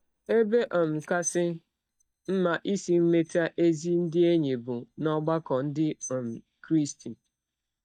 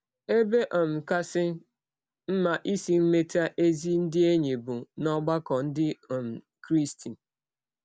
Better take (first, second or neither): second